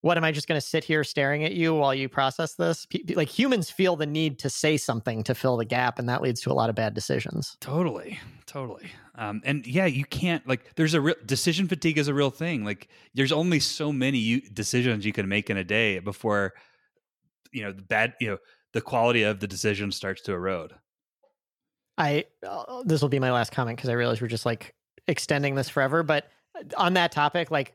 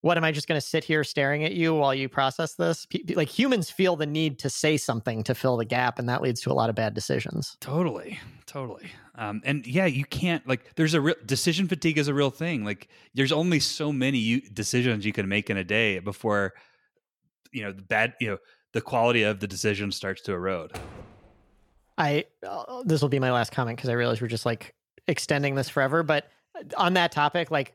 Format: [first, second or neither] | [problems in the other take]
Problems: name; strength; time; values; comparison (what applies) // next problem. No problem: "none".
first | door banging; faint; at 21 s; peak 15 dB below the speech